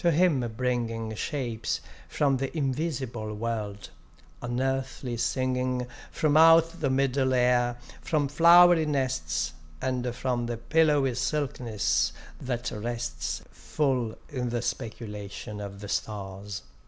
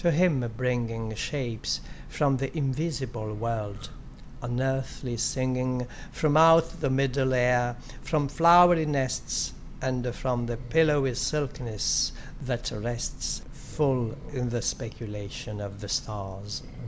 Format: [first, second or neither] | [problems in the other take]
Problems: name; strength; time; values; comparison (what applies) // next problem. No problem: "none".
first | background sound (Train); 14 dB below the speech